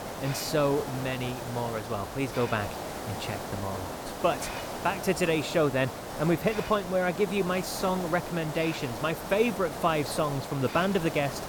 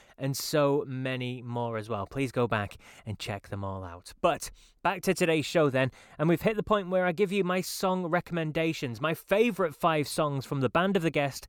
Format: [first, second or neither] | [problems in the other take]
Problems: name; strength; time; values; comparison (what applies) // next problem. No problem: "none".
second | hiss; loud; throughout; 8 dB below the speech